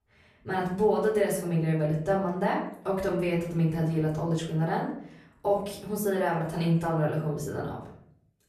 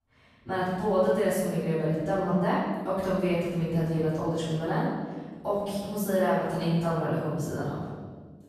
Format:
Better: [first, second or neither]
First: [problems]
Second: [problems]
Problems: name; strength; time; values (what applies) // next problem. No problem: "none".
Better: first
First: room echo; slight; dies away in 0.6 s // off-mic speech; far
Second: room echo; strong; dies away in 1.5 s // off-mic speech; far